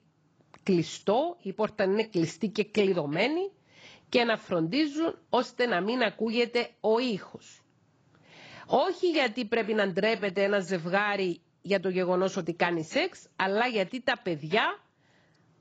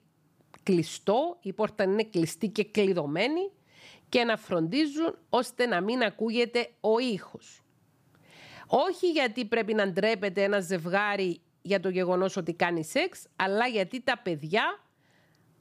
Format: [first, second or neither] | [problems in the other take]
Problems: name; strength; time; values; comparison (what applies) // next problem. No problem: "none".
second | garbled, watery; badly; nothing above 7.5 kHz